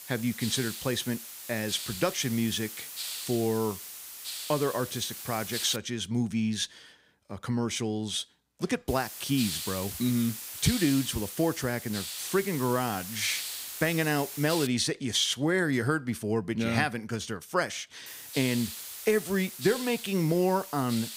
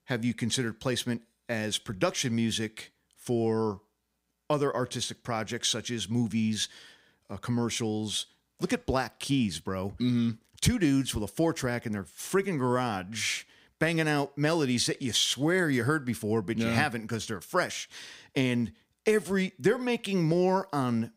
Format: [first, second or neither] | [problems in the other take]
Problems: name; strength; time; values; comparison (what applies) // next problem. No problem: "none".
second | hiss; loud; until 6 s, from 9 to 15 s and from 18 s on; 7 dB below the speech